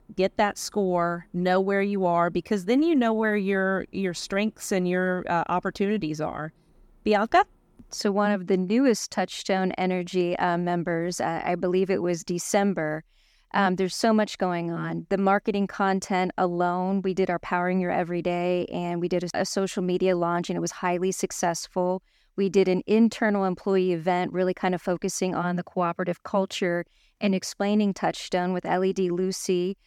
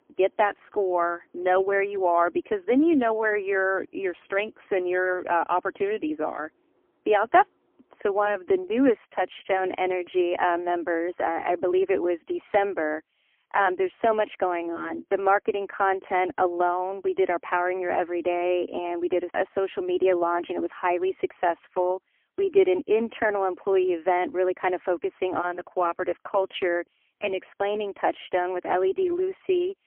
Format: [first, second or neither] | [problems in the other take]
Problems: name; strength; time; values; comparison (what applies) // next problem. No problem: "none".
first | phone-call audio; poor line; nothing above 3 kHz